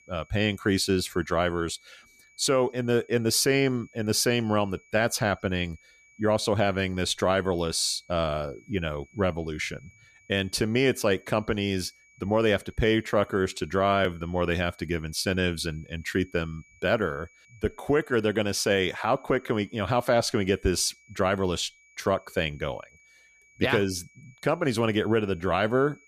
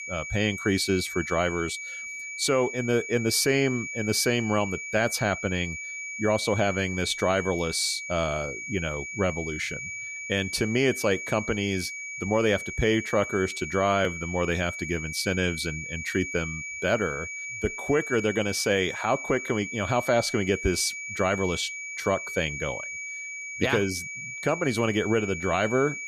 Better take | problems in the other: first | high-pitched whine; loud; throughout; 2.5 kHz, 7 dB below the speech; faint in the first

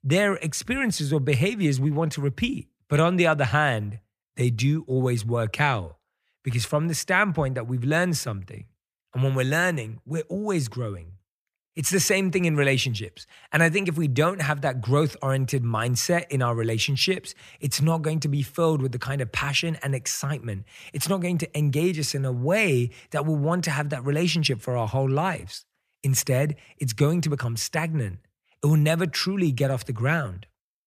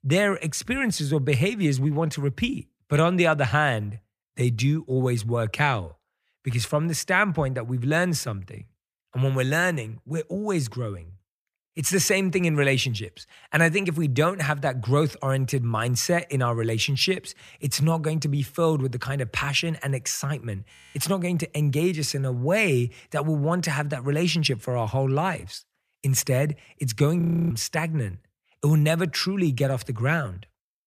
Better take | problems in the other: first | audio freezing; at 21 s and at 27 s

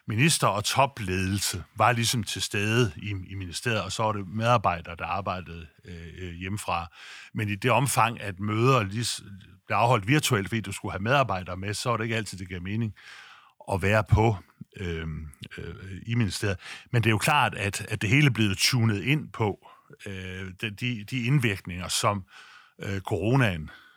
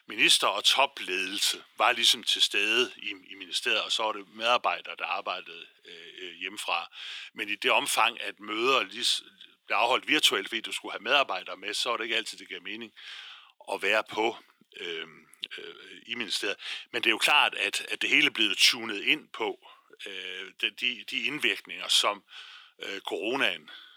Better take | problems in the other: first | thin; very; fading below 350 Hz

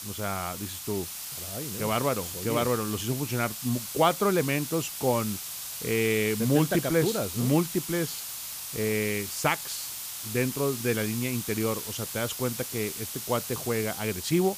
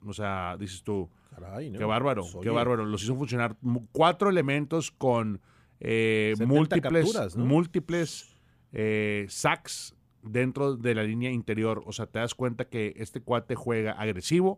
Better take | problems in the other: second | hiss; loud; throughout; 6 dB below the speech

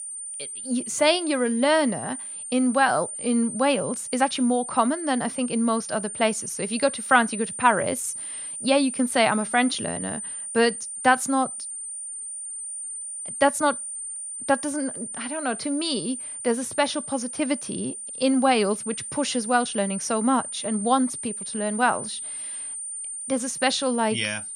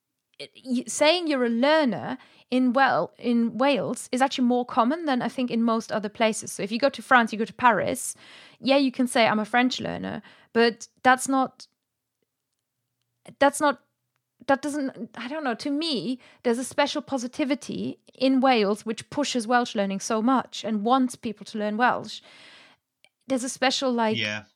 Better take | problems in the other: second | high-pitched whine; loud; throughout; 9 kHz, 7 dB below the speech

